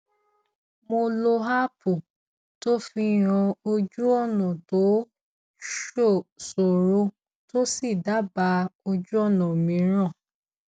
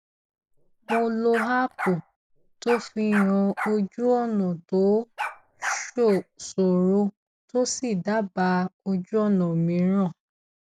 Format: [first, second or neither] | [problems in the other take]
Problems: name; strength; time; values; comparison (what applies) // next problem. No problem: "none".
first | noise reduction (neural mask model Resemble Enhance denoiser)